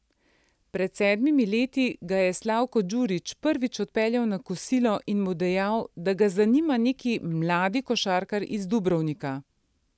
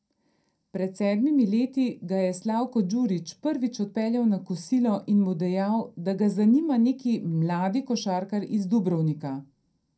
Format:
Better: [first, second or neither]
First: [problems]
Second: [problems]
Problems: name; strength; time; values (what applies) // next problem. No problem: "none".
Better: first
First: none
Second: room echo; dies away in 0.2 s